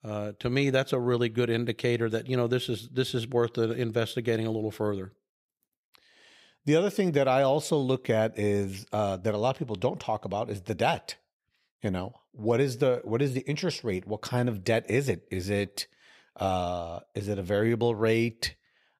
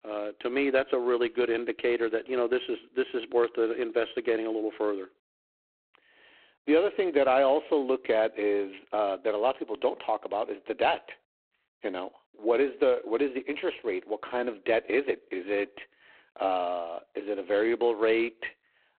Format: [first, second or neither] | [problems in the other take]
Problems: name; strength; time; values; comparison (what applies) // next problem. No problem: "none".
first | phone-call audio; poor line; nothing above 3.5 kHz